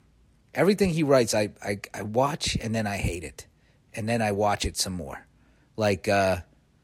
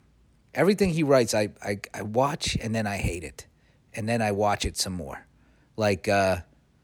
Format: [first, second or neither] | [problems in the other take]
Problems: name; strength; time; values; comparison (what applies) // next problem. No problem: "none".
second | garbled, watery; slightly; nothing above 15 kHz